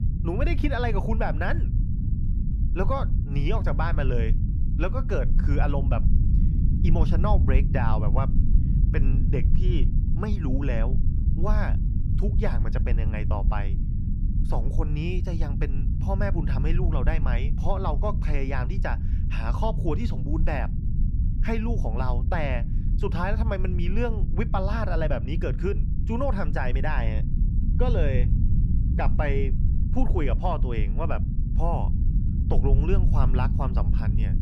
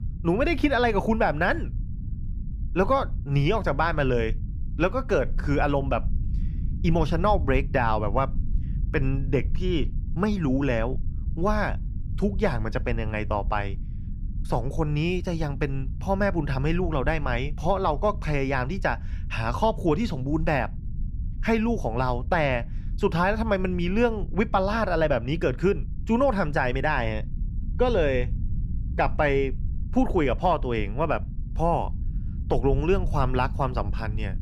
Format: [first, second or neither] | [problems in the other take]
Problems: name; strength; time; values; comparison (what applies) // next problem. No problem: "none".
second | low rumble; loud; throughout; 8 dB below the speech; faint in the second